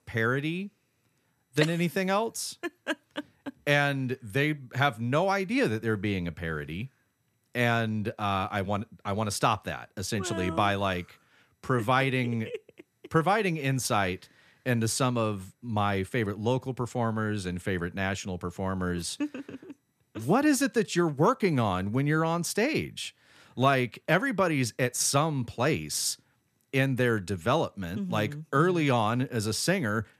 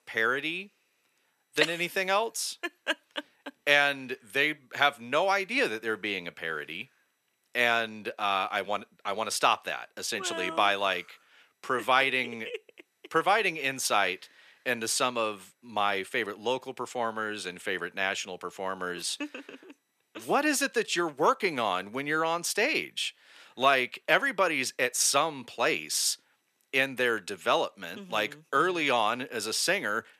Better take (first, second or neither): first